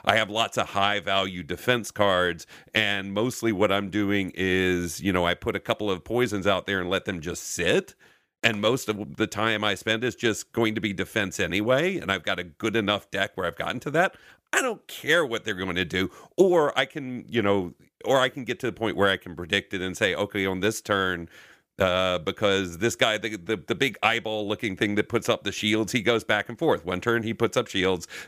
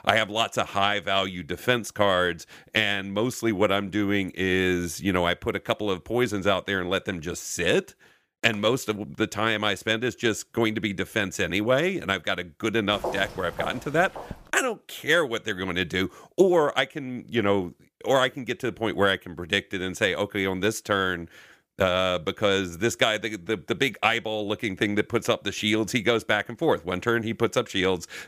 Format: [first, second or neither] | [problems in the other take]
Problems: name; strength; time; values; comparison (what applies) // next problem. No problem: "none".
first | footsteps; noticeable; from 13 to 14 s; peak 8 dB below the speech